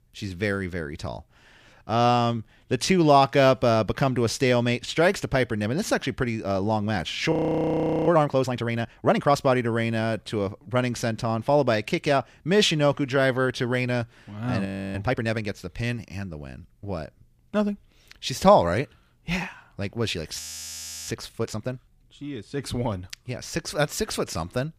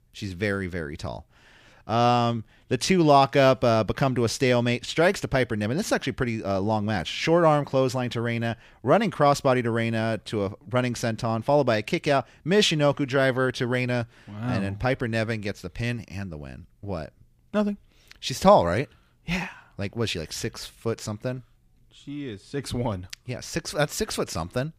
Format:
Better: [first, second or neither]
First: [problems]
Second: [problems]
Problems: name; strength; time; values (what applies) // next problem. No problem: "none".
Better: second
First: audio freezing; at 7.5 s for 1 s, at 15 s and at 20 s for 0.5 s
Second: none